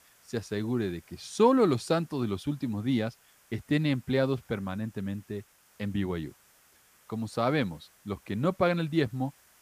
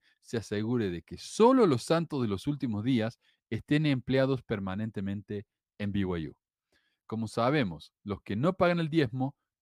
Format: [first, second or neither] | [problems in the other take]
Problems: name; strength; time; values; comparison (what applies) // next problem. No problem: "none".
second | hiss; faint; throughout; 30 dB below the speech